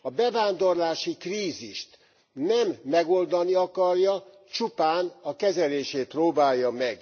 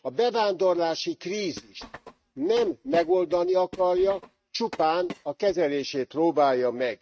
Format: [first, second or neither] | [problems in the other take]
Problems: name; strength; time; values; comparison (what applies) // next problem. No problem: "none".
first | noise reduction (neural mask model RNNoise)